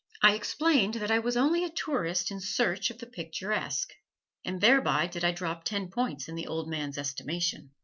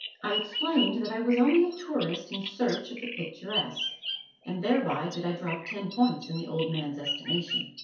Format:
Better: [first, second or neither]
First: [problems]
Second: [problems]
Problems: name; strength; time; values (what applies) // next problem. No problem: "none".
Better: first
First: none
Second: background sound (Bird vocalization, bird call, bird song); 8 dB below the speech // room echo; dies away in 0.6 s